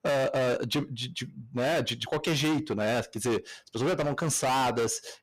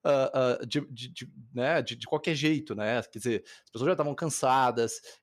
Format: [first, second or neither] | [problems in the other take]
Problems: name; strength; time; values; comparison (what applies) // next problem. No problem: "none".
second | distortion; heavy; 23% of the sound clipped